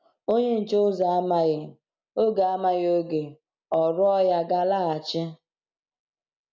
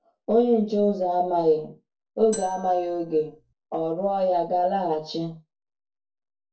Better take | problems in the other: first | noise reduction (neural separator model SepFormer DNS4)

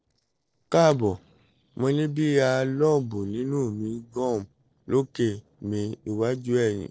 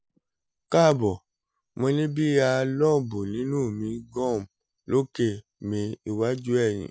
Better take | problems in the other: second | noise reduction (neural separator model SepFormer DNS4)

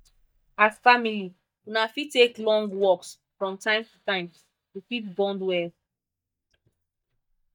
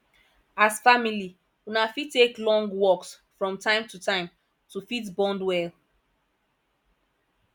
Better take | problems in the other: second | noise reduction (neural mask model DeepFilterNet 3)

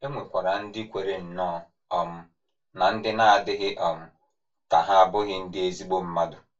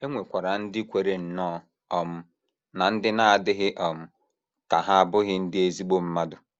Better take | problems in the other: second | room echo; dies away in 0.2 s

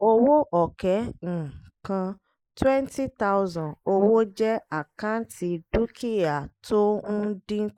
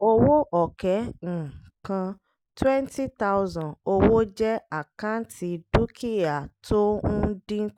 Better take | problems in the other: second | noise reduction (neural mask model Resemble Enhance denoiser)

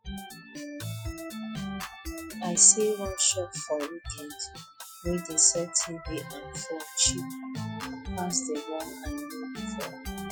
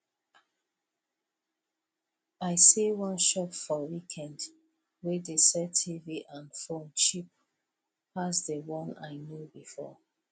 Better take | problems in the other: second | noise reduction (classical method Wiener filter)

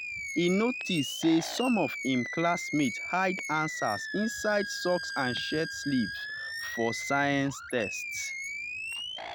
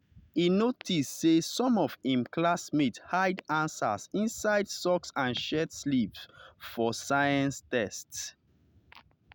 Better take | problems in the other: second | background sound (Animal); 7 dB below the speech

